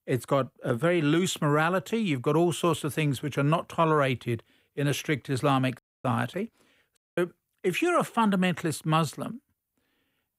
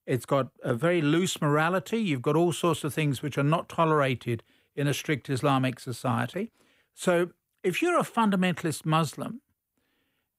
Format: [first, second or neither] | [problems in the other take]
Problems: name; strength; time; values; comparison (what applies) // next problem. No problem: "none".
second | audio cutting out; at 6 s and at 7 s